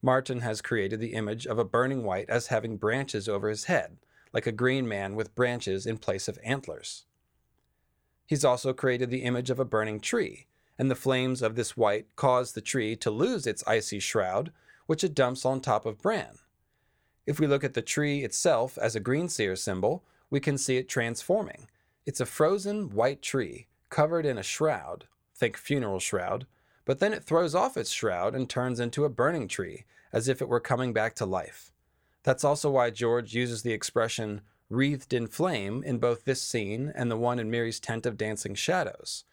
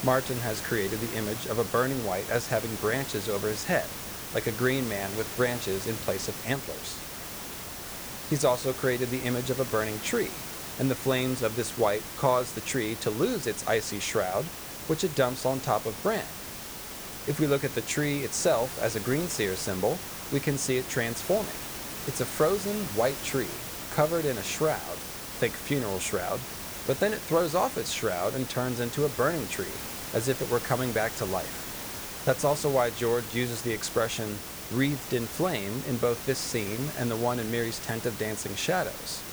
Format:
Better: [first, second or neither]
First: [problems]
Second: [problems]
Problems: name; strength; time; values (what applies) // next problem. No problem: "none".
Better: first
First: none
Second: hiss; loud; throughout; 7 dB below the speech